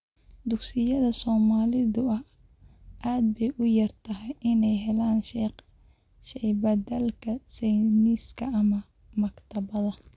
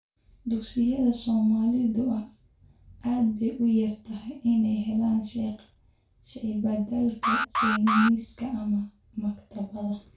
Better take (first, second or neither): first